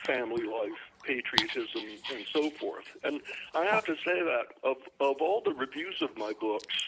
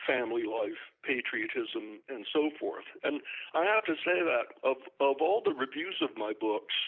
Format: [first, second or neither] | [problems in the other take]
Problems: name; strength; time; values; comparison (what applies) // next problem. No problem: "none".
second | background sound (Dog); 10 dB below the speech